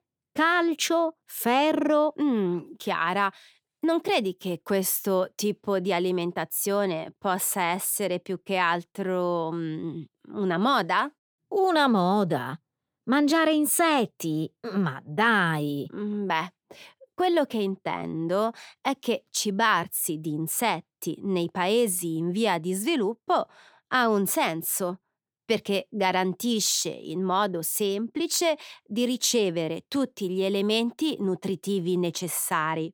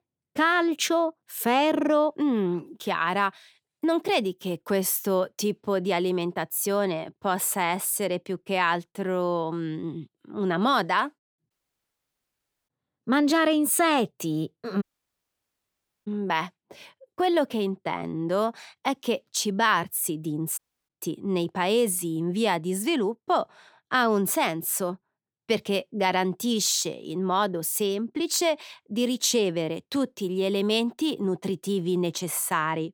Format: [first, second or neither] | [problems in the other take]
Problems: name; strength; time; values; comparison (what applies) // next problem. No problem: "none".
first | audio cutting out; at 12 s for 1 s, at 15 s for 1 s and at 21 s